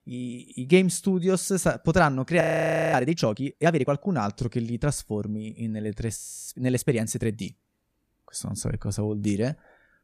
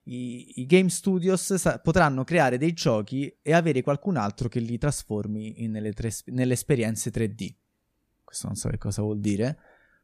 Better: second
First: audio freezing; at 2.5 s for 0.5 s and at 6 s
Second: none

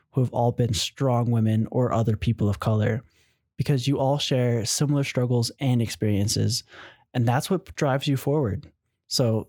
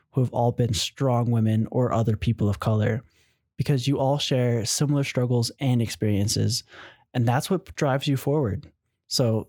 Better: neither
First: none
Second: none

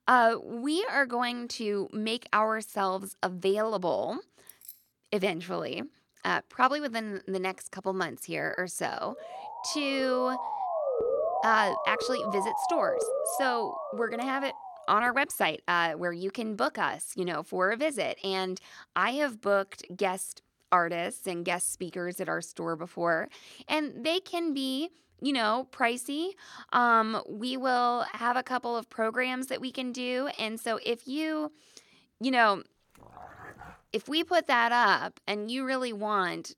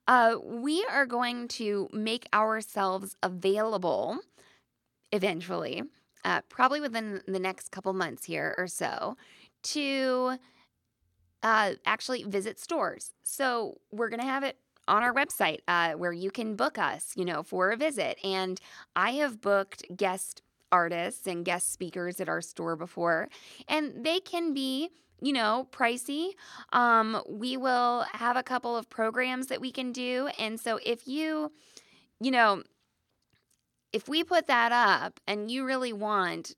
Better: second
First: jangling keys; faint; at 4.5 s; peak 20 dB below the speech // siren; loud; from 9 to 15 s; peak 1 dB above the speech // dog barking; faint; at 33 s; peak 15 dB below the speech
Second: none

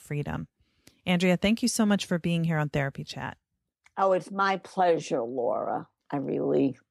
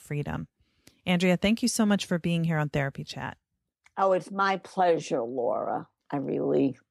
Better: neither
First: none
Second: none

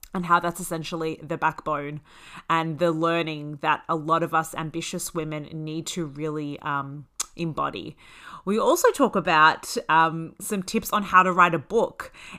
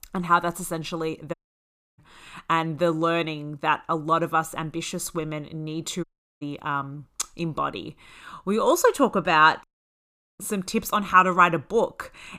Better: first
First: none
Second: audio cutting out; at 1.5 s for 0.5 s, at 6 s and at 9.5 s for 0.5 s

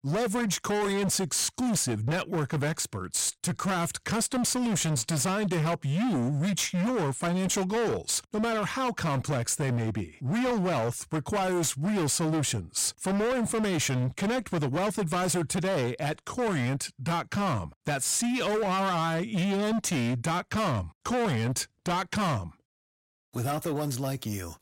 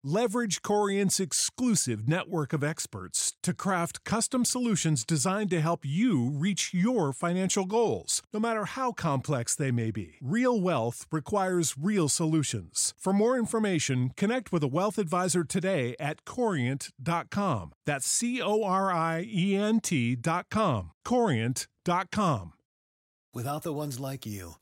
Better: second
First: distortion; heavy; 31% of the sound clipped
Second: none

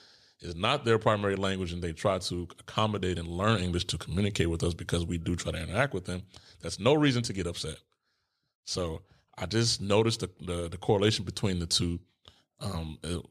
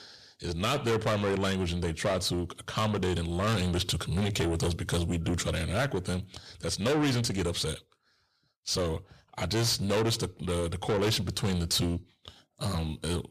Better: first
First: none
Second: distortion; heavy; 6 dB below the speech

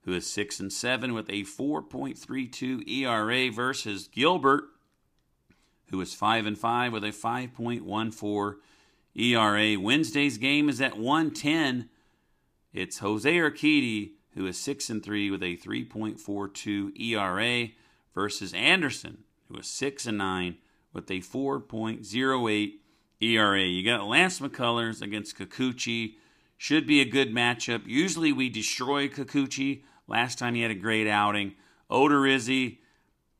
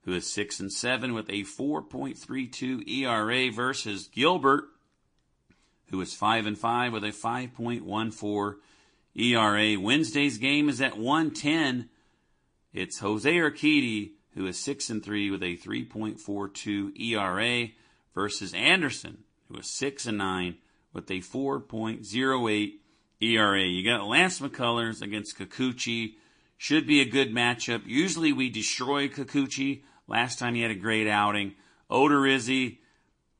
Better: first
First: none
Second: garbled, watery; slightly; nothing above 9.5 kHz

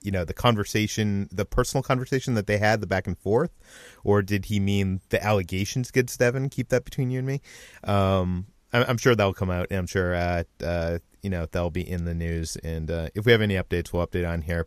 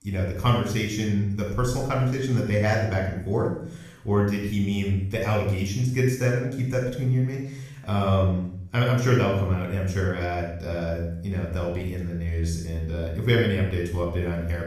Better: first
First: none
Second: off-mic speech; far // room echo; noticeable; dies away in 0.6 s

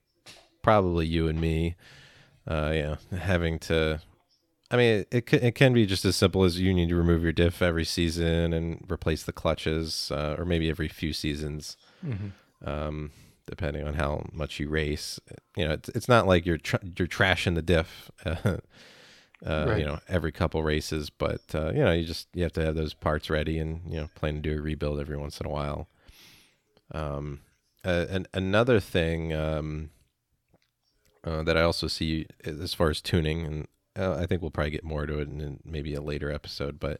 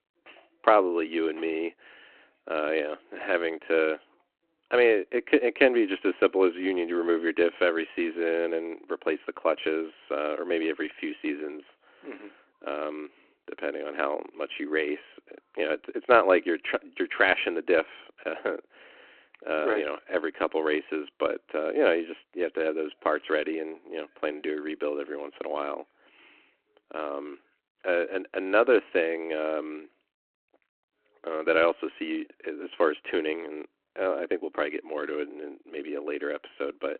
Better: first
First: none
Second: phone-call audio

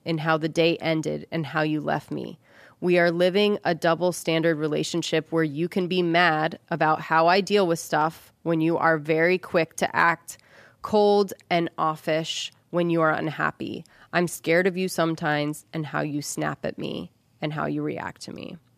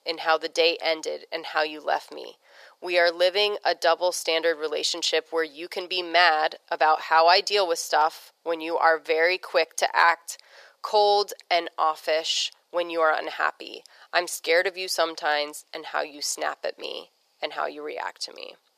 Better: first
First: none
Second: thin; very; fading below 500 Hz

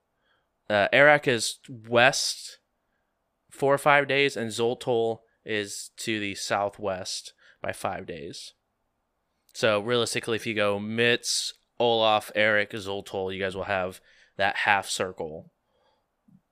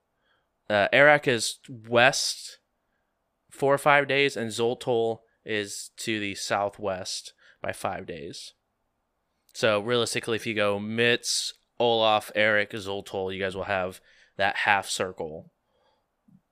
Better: neither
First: none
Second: none

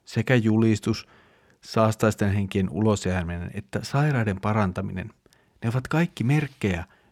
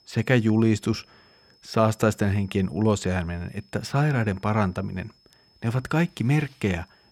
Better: first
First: none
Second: high-pitched whine; faint; throughout; 5 kHz, 35 dB below the speech

